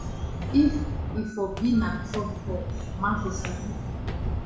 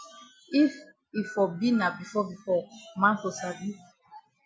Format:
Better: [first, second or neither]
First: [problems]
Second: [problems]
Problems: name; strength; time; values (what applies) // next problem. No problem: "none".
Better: second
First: background sound (Walk, footsteps); 2 dB below the speech // room echo; dies away in 0.6 s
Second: none